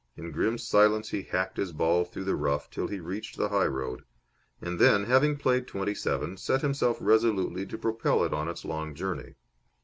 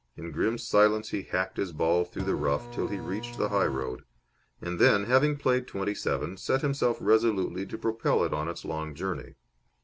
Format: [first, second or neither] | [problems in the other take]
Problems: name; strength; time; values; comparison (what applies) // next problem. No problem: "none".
first | background sound (Printer); 11 dB below the speech